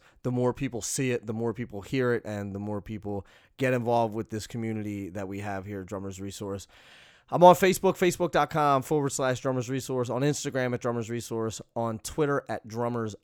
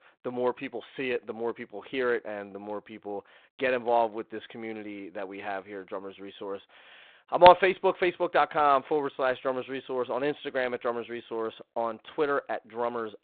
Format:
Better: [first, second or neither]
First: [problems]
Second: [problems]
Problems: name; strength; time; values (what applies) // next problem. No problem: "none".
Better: first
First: none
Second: phone-call audio; nothing above 4 kHz